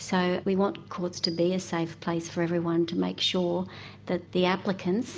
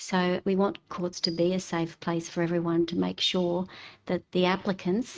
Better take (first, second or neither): first